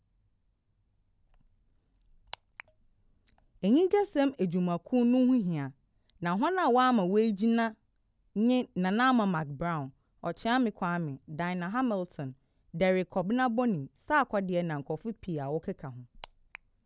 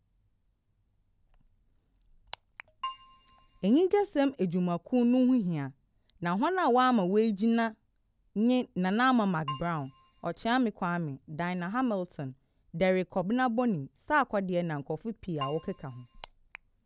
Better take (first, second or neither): first